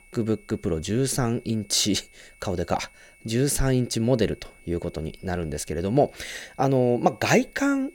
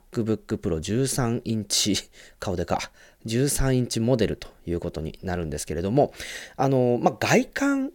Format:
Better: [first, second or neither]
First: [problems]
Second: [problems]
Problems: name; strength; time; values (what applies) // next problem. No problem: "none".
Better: second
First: high-pitched whine; faint; throughout; 2 kHz, 30 dB below the speech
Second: none